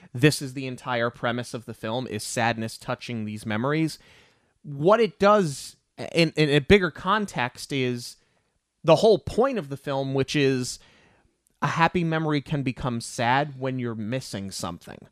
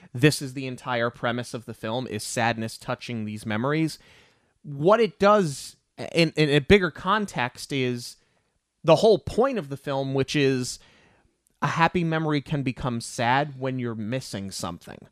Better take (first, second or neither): neither